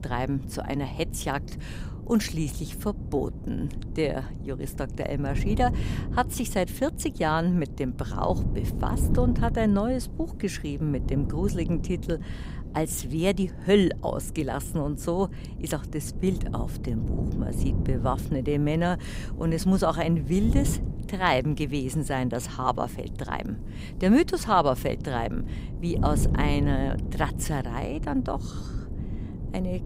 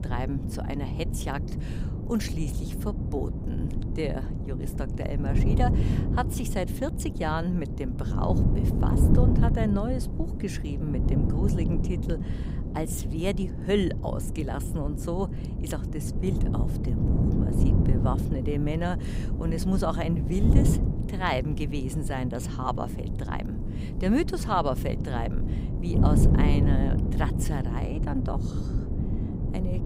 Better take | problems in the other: first | wind noise on the microphone; heavy; 4 dB below the speech; occasional gusts in the first

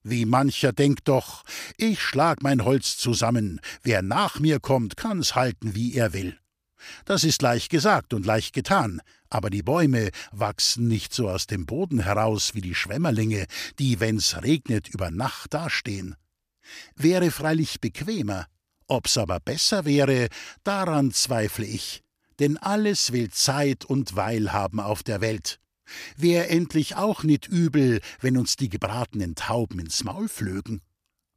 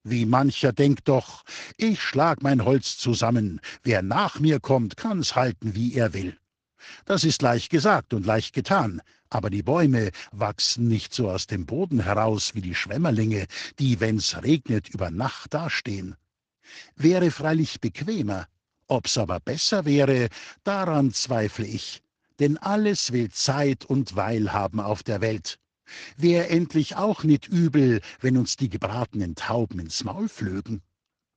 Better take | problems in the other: first | garbled, watery; slightly

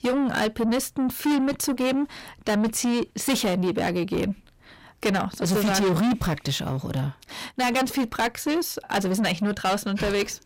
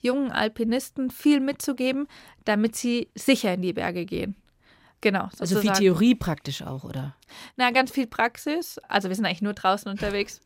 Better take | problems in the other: second | distortion; heavy; 6 dB below the speech

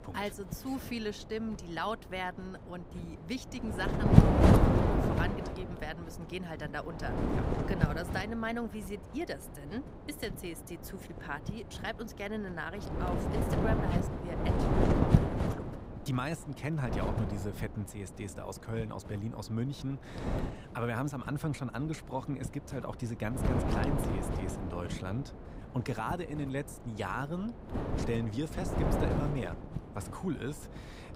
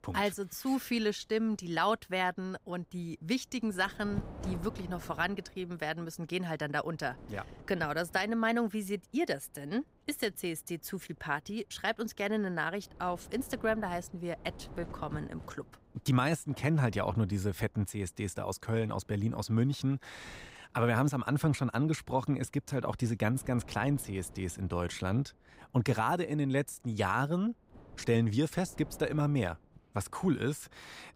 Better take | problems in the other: second | wind noise on the microphone; heavy; 4 dB above the speech; occasional gusts in the second

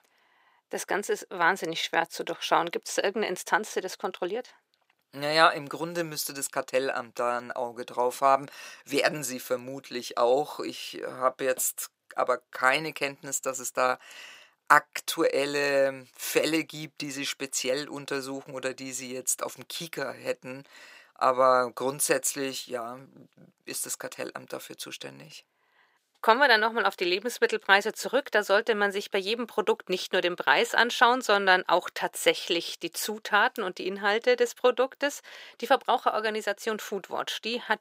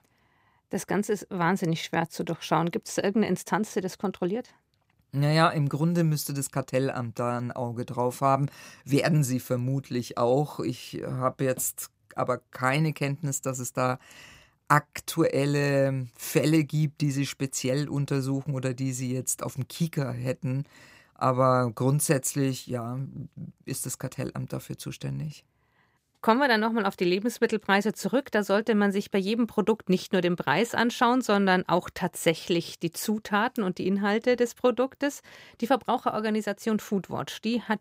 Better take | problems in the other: second | thin; very; fading below 500 Hz

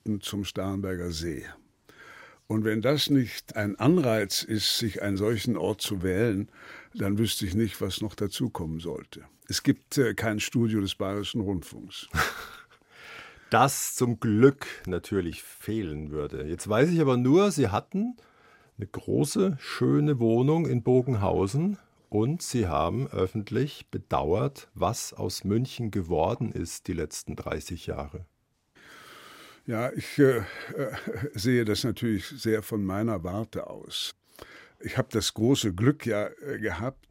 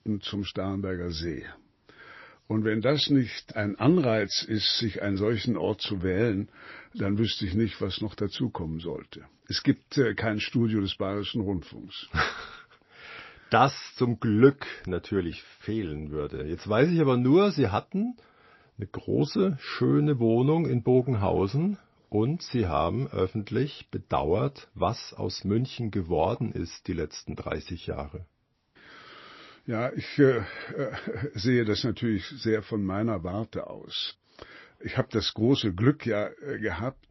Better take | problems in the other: first | garbled, watery; slightly; nothing above 5.5 kHz

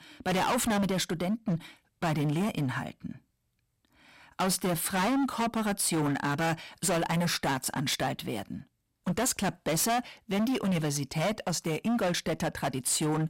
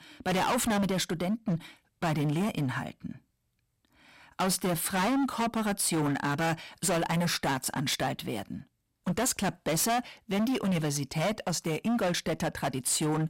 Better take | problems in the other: neither | distortion; heavy; 20% of the sound clipped; the same in both

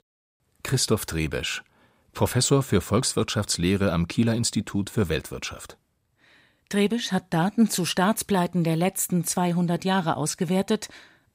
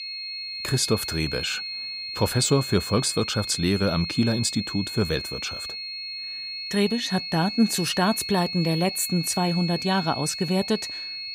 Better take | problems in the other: first | high-pitched whine; loud; throughout; 4.5 kHz, 6 dB below the speech

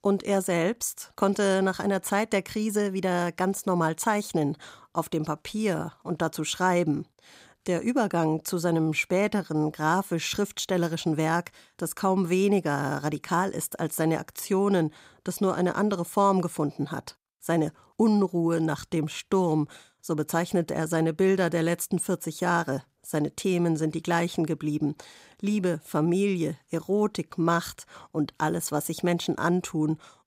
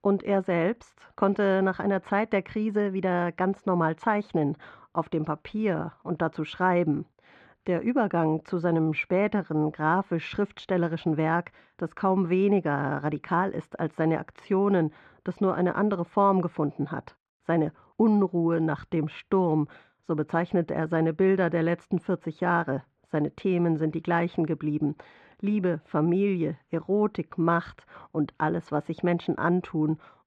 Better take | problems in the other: first | muffled; very; fading above 2.5 kHz

